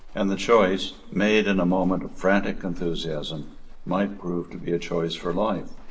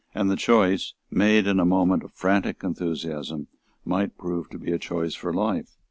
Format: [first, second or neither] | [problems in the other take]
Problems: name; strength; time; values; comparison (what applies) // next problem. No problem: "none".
second | background sound (Walk, footsteps); 11 dB below the speech // room echo; dies away in 0.7 s